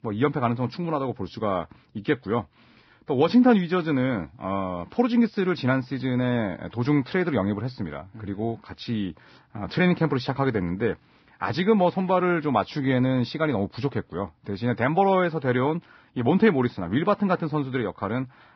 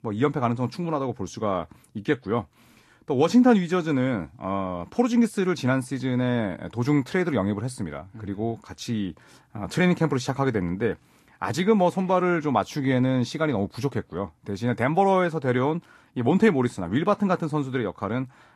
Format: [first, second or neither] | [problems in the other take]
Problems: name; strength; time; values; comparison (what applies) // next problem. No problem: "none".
second | garbled, watery; badly; nothing above 5.5 kHz; slightly in the second